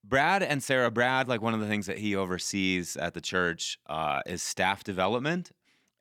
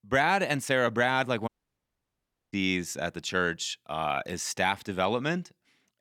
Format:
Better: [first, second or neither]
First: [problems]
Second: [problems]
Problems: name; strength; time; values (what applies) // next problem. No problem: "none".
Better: first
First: none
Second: audio cutting out; at 1.5 s for 1 s